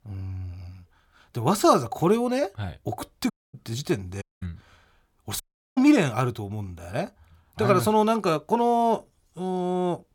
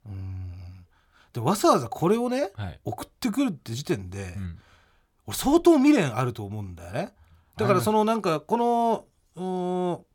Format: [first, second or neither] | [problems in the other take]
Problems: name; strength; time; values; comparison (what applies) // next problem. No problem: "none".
second | audio cutting out; at 3.5 s, at 4 s and at 5.5 s